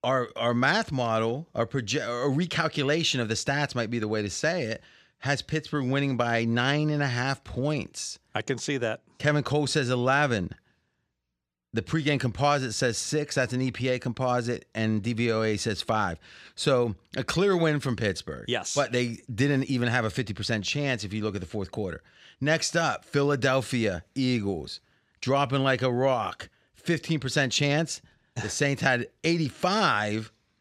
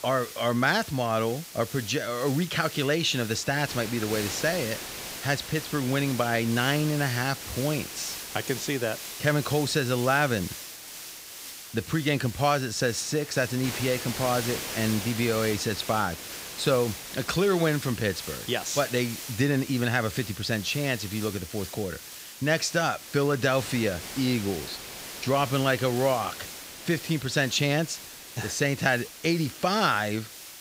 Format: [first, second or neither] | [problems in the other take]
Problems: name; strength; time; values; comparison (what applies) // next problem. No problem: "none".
first | hiss; loud; throughout; 10 dB below the speech